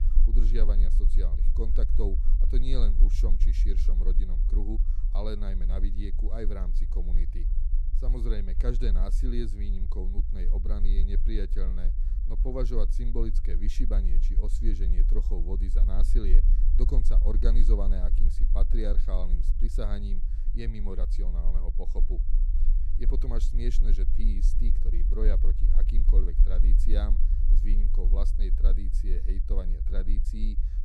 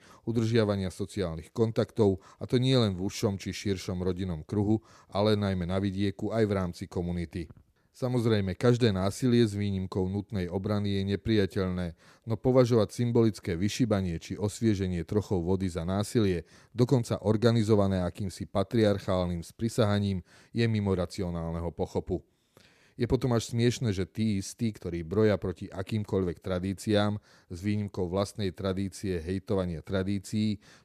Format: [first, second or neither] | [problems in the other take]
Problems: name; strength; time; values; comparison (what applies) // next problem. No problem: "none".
second | low rumble; loud; throughout; 10 dB below the speech